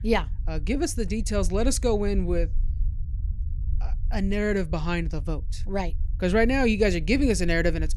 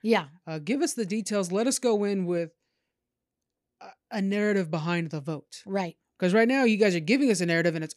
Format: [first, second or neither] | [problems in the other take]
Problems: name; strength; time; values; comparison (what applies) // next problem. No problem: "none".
second | low rumble; faint; throughout; 25 dB below the speech